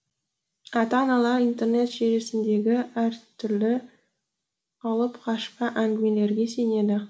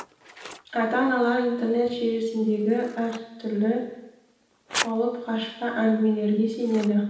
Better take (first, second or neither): first